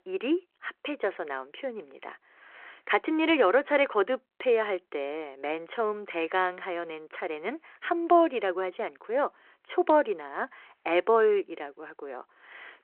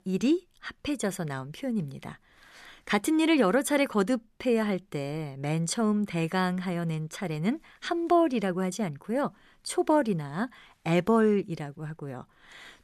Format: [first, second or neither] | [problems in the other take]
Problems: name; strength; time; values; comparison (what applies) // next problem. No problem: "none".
second | phone-call audio